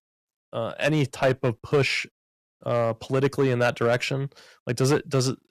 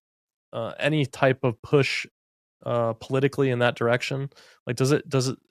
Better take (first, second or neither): second